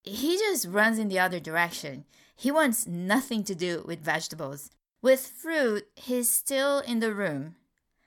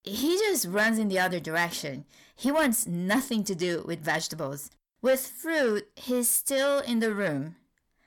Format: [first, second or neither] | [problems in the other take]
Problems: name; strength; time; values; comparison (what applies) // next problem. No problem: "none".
first | distortion; slight; 10 dB below the speech